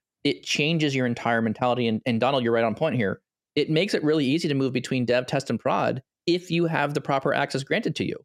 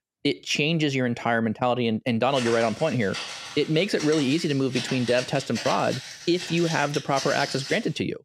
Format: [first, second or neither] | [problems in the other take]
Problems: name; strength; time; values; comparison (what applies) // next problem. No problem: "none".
first | footsteps; noticeable; from 2.5 s on; peak 6 dB below the speech